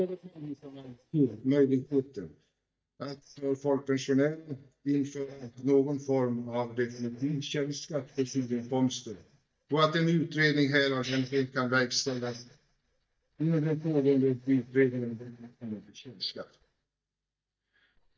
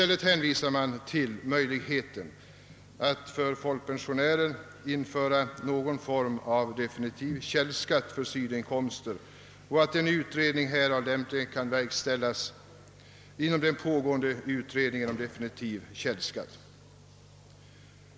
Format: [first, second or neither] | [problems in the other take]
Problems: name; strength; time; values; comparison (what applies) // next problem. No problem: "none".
second | noise reduction (neural mask model DeepFilterNet 3)